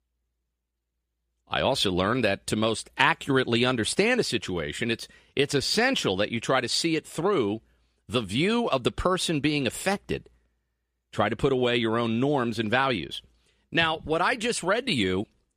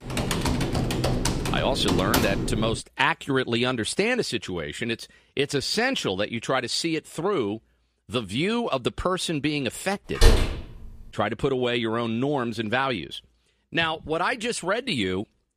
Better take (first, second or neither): first